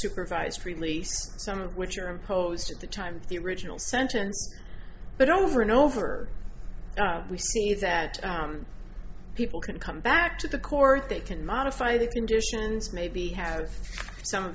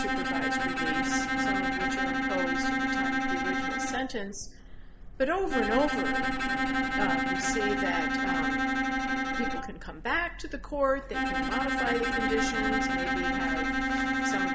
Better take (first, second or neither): first